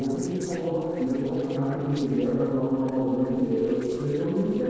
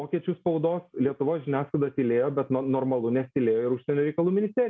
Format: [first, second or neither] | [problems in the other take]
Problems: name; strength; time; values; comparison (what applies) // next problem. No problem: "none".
second | noise reduction (neural separator model SepFormer DNS4)